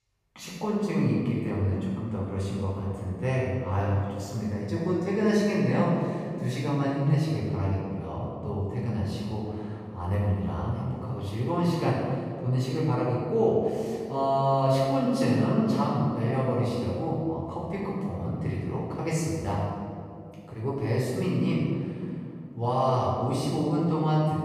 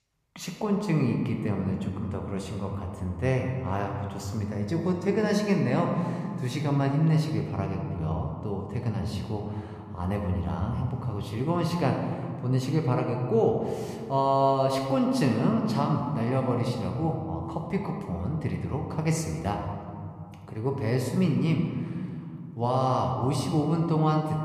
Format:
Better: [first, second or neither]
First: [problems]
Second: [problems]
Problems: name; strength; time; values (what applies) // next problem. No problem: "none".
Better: second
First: room echo; strong; dies away in 2.2 s // off-mic speech; far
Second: room echo; slight; dies away in 1.9 s